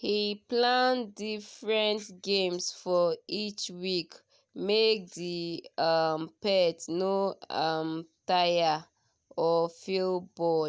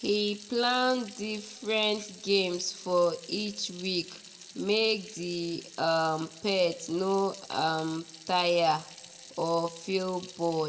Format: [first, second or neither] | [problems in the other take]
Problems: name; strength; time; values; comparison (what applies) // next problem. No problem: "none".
first | background sound (Sink (filling or washing) / Water tap, faucet); 19 dB below the speech // room echo; dies away in 0.7 s